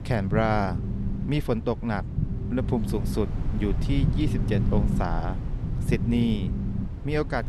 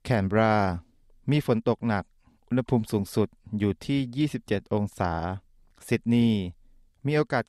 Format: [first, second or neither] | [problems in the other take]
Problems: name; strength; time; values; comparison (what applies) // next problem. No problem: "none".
second | low rumble; loud; throughout; 9 dB below the speech